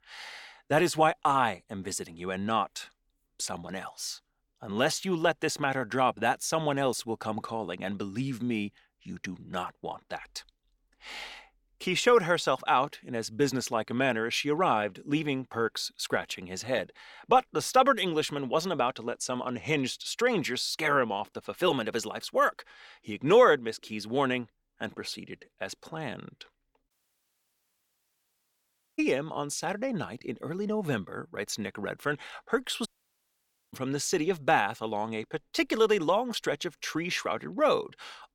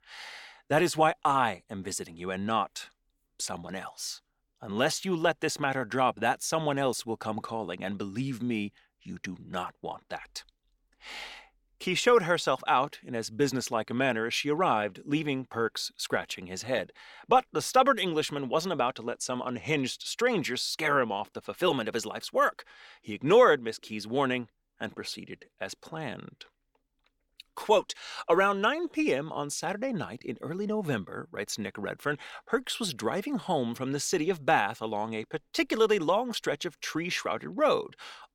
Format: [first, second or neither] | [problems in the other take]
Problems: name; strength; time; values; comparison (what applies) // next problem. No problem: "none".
second | audio cutting out; at 27 s for 2 s and at 33 s for 1 s